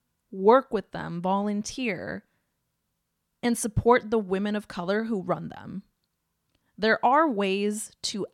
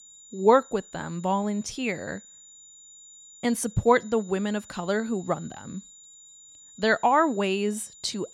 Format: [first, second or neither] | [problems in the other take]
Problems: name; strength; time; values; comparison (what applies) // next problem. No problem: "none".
first | high-pitched whine; faint; throughout; 7 kHz, 20 dB below the speech